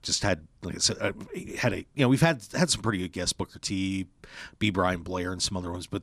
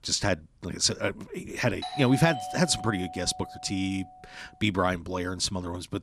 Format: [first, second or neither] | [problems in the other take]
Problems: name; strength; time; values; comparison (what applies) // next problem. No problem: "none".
first | doorbell; noticeable; from 2 to 4 s; peak 7 dB below the speech